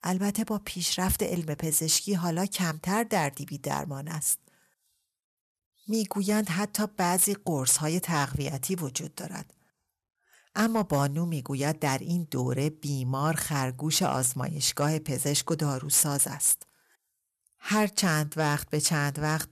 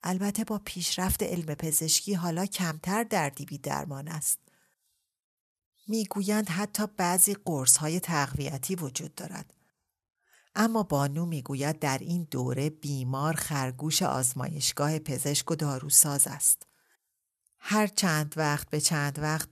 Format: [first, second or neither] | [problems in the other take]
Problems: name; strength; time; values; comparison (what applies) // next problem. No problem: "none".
second | distortion; slight; 2% of the sound clipped